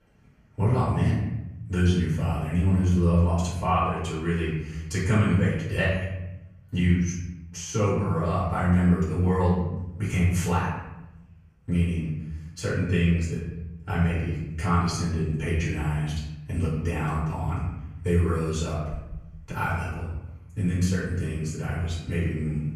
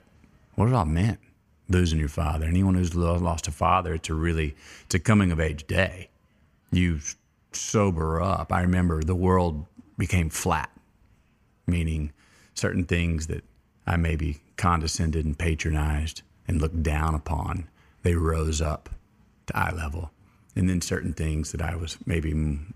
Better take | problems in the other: second | off-mic speech; far // room echo; noticeable; dies away in 1 s

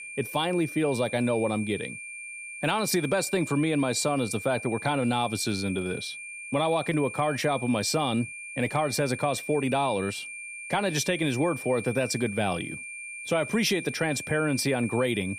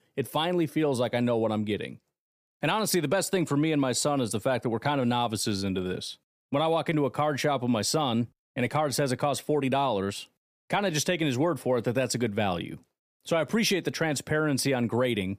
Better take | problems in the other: second | high-pitched whine; loud; throughout; 2.5 kHz, 10 dB below the speech

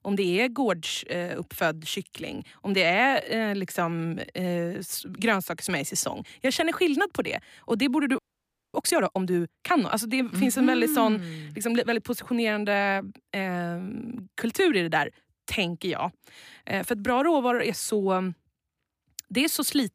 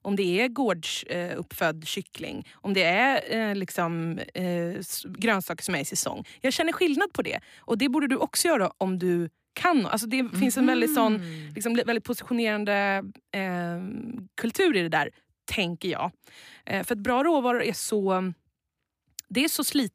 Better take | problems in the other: second | audio freezing; at 8 s for 0.5 s

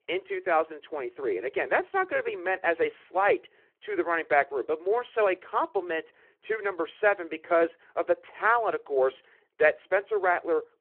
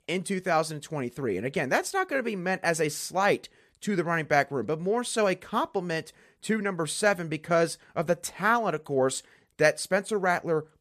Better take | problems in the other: second | phone-call audio

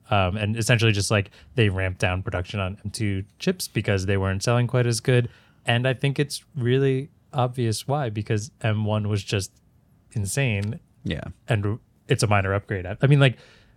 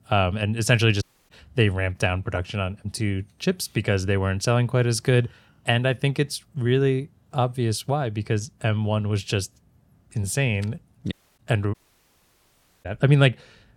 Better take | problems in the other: first | audio cutting out; at 1 s, at 11 s and at 12 s for 1 s

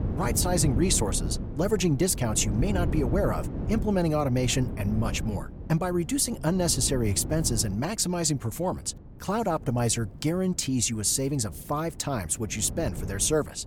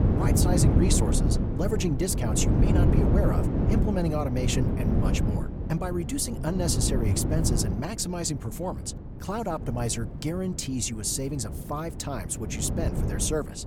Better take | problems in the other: first | wind noise on the microphone; heavy; 3 dB below the speech; occasional gusts in the first

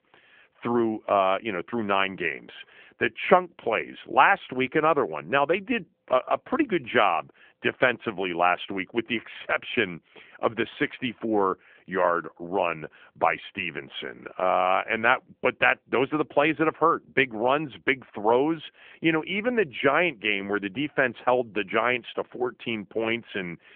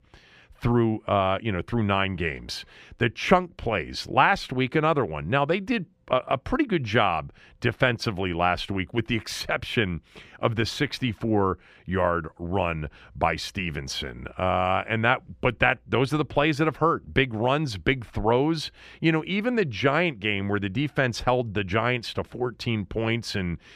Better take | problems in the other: second | phone-call audio; nothing above 3 kHz

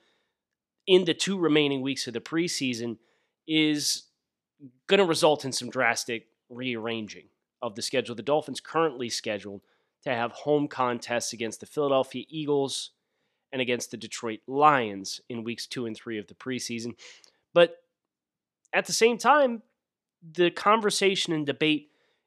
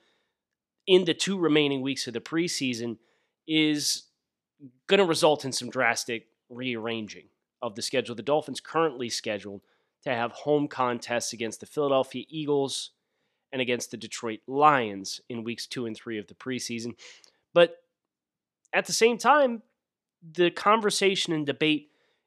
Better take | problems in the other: neither | none

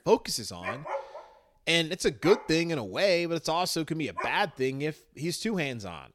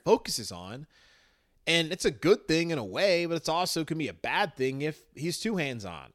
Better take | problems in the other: second | dog barking; noticeable; from 0.5 to 4.5 s; peak 6 dB below the speech

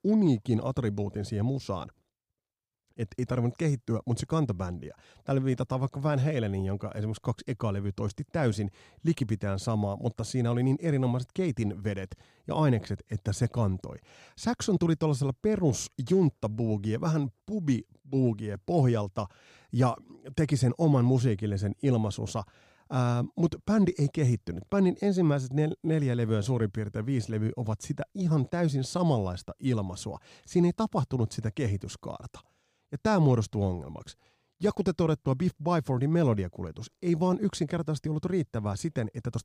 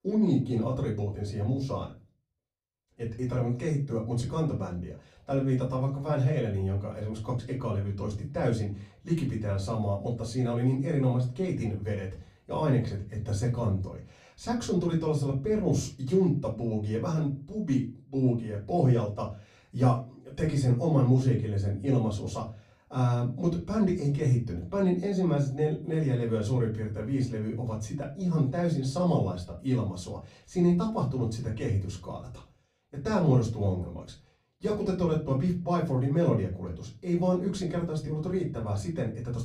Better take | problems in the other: first | off-mic speech; far // room echo; very slight; dies away in 0.3 s

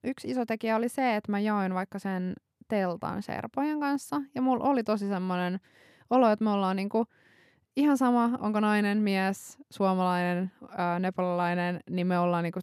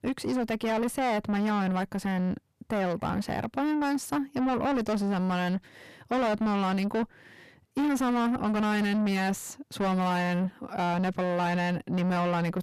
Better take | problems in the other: first | distortion; heavy; 6 dB below the speech

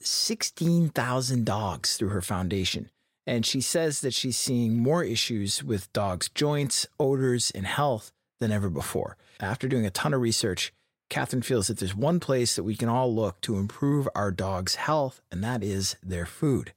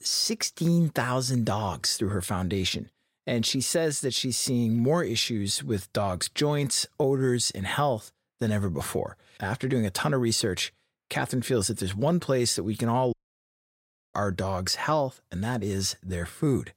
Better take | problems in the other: first | audio cutting out; at 13 s for 1 s

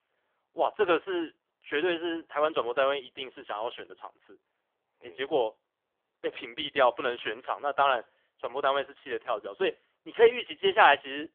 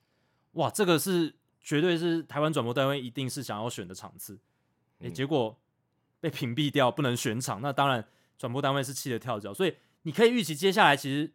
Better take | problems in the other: second | phone-call audio; poor line; nothing above 3.5 kHz

